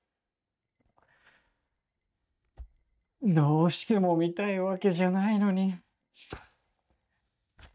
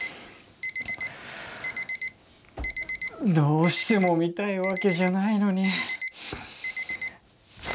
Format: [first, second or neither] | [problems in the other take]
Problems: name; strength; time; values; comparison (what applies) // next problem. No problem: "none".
second | noise reduction (neural mask model DeepFilterNet 3)